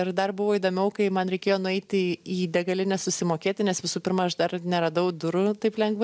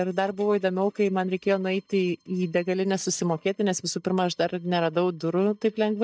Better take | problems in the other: first | noise reduction (neural mask model DeepFilterNet 3)

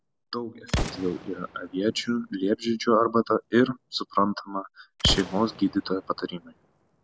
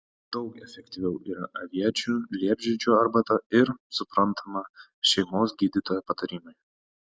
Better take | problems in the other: second | background sound (Explosion); 10 dB below the speech

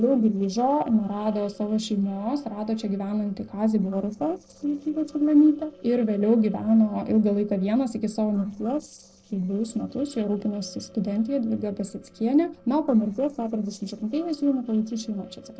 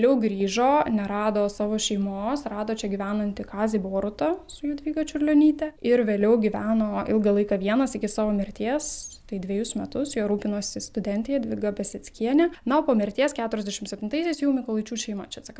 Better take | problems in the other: second | noise reduction (neural separator model SepFormer DNS4)

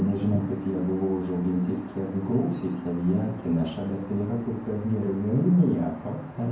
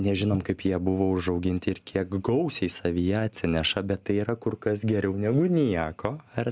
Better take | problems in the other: second | background sound (Aircraft); 18 dB below the speech // room echo; dies away in 0.9 s

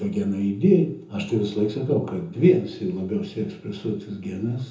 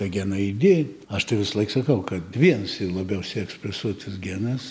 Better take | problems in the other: second | room echo; dies away in 0.6 s

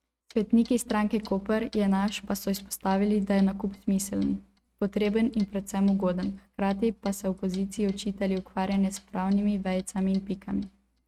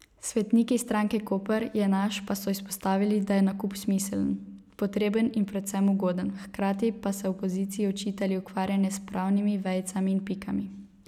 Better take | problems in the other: second | noise reduction (neural mask model RNNoise)

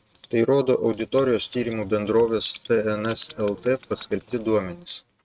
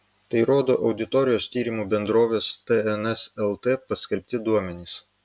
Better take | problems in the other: second | noise reduction (neural mask model RNNoise)

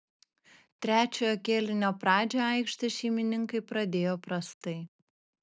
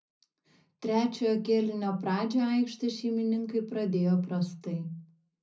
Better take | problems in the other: first | room echo; dies away in 0.4 s

